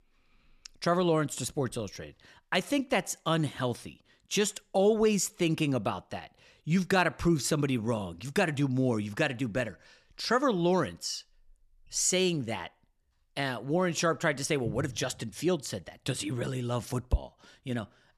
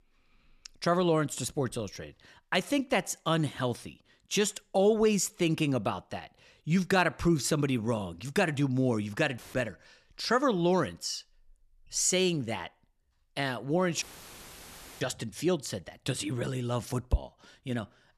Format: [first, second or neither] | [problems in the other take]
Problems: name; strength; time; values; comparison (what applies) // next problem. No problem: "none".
first | audio cutting out; filled with static; at 9.5 s and at 14 s for 1 s